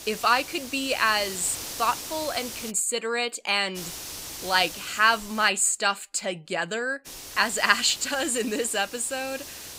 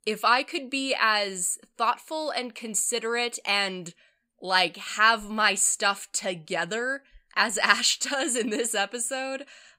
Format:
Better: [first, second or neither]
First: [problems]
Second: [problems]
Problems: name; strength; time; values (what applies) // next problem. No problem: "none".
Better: second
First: hiss; noticeable; until 2.5 s, from 4 to 5.5 s and from 7 s on; 10 dB below the speech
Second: none